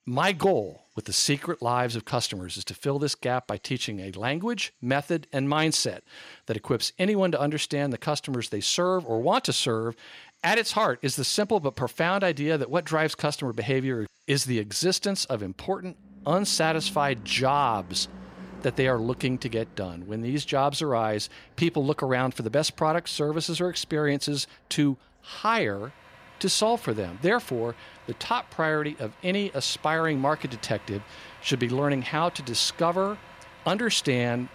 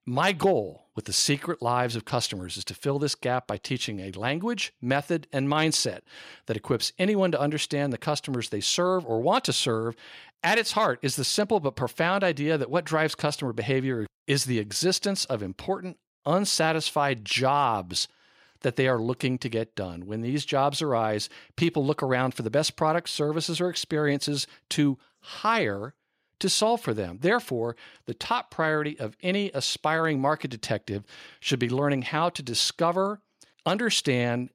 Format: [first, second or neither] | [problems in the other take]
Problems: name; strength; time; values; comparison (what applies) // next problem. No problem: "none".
second | traffic noise; faint; throughout; 20 dB below the speech